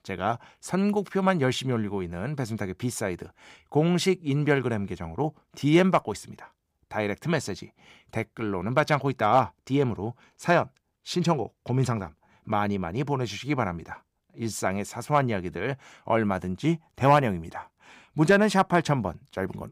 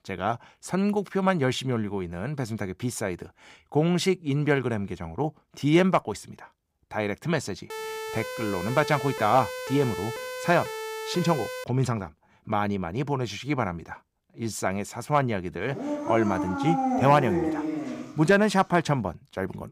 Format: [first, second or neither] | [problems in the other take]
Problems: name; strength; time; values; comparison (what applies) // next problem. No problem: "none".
first | siren; noticeable; from 7.5 to 12 s; peak 7 dB below the speech // dog barking; loud; from 16 to 18 s; peak 1 dB above the speech